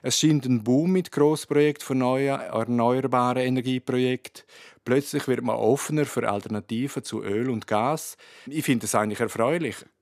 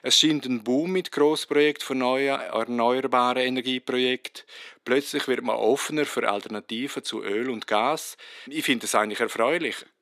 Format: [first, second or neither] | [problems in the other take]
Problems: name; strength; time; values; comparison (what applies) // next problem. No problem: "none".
first | thin; very slightly; fading below 300 Hz